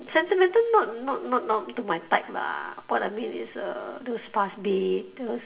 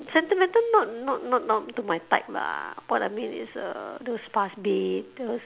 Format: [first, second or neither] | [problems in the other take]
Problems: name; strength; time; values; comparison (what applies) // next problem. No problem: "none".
second | room echo; dies away in 0.7 s